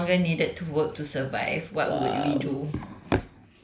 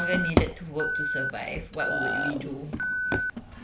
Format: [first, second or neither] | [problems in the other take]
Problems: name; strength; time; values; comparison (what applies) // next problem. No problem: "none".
first | background sound (Drawer open or close + Alarm); 4 dB above the speech